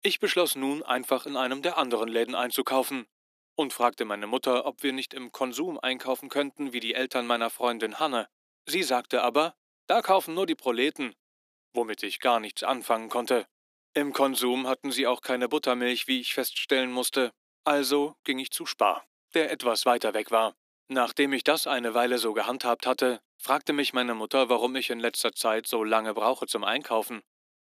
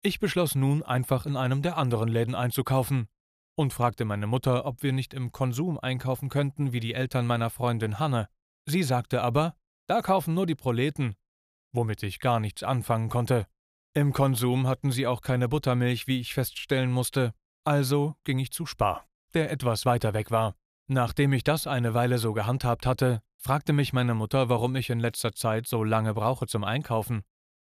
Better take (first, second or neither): second